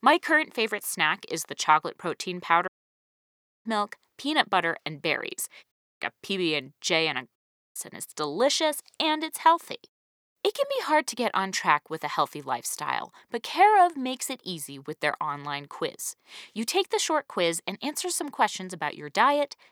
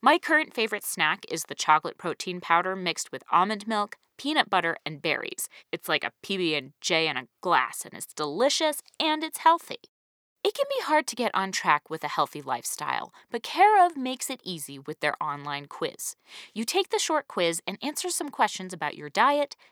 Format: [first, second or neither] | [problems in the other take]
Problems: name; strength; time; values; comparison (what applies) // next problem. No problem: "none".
second | audio cutting out; at 2.5 s for 1 s, at 5.5 s and at 7.5 s